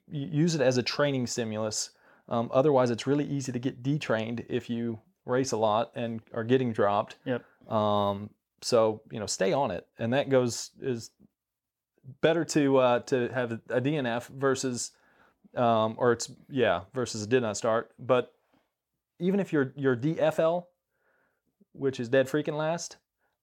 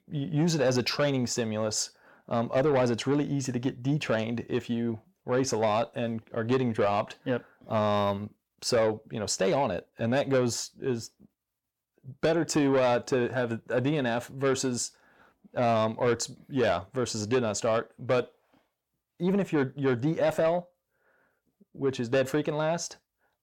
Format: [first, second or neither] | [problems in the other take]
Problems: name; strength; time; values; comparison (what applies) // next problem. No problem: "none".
first | distortion; slight; 10 dB below the speech